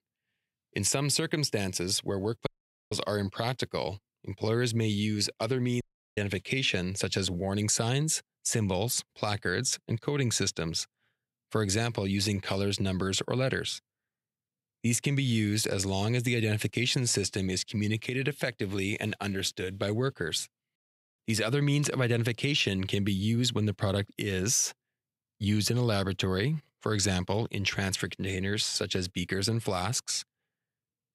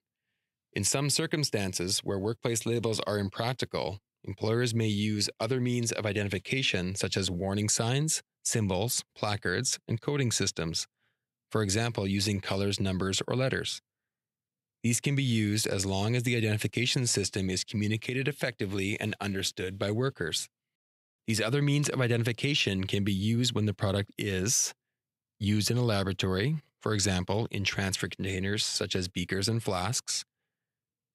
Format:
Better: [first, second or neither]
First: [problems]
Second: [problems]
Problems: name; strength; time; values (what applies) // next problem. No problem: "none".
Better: second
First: audio cutting out; at 2.5 s and at 6 s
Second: none